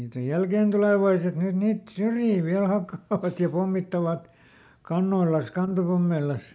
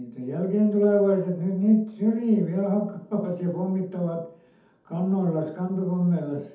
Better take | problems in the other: first | room echo; dies away in 0.6 s

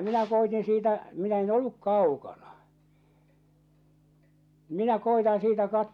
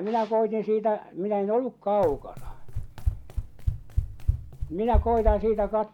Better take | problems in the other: first | background sound (Run); 2 dB below the speech

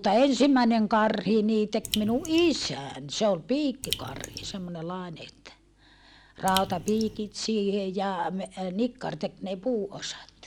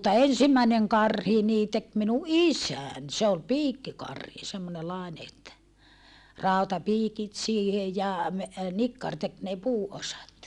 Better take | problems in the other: second | background sound (Raindrop); 11 dB below the speech

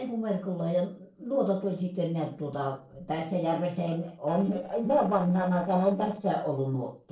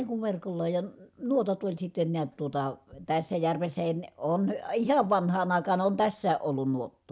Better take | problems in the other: second | noise reduction (neural separator model SepFormer DNS4)

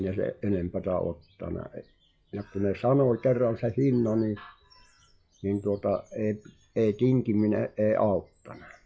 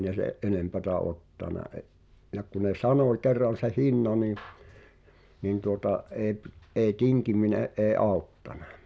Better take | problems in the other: second | noise reduction (classical method log-MMSE)

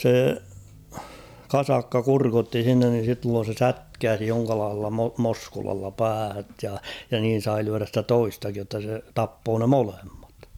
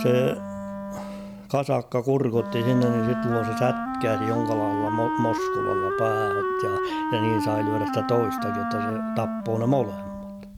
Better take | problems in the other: first | background sound (Wind instrument, woodwind instrument); 2 dB below the speech

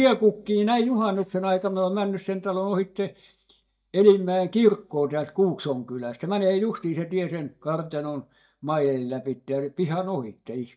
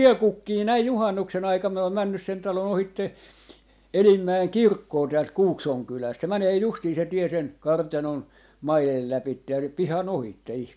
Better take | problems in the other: second | noise reduction (neural mask model DeepFilterNet 3)

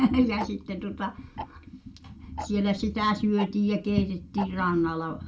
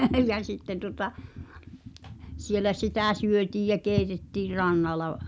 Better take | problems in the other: second | background sound (Tick-tock); 16 dB below the speech // room echo; dies away in 0.2 s

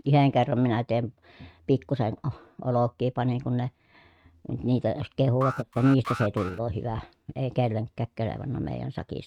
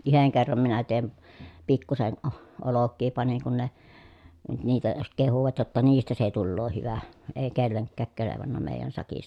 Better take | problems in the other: second | noise reduction (neural mask model RNNoise)

